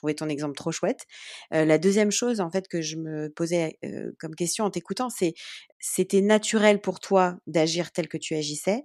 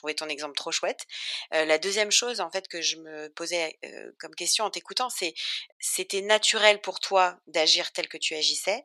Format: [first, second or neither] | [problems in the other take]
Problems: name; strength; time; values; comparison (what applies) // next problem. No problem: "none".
first | thin; very; fading below 750 Hz